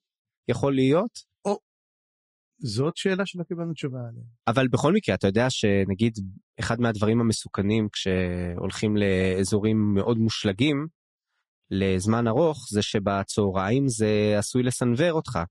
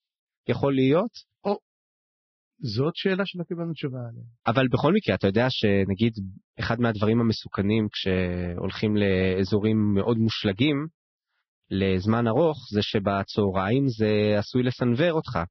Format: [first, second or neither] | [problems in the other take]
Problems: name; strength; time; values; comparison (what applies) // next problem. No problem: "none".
first | garbled, watery; badly; nothing above 5.5 kHz; slightly in the first